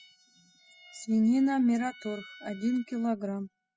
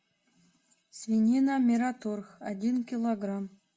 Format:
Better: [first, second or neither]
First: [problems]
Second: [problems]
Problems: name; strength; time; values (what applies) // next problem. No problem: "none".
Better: second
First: noise reduction (classical method spectral subtraction)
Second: none